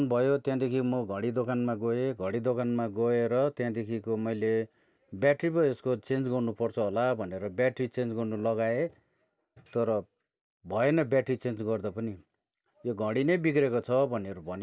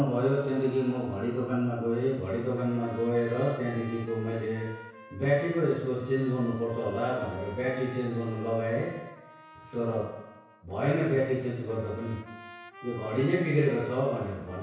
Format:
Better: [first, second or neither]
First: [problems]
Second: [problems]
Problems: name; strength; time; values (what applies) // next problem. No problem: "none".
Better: first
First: none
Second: background sound (Trumpet); 19 dB below the speech // room echo; dies away in 1.1 s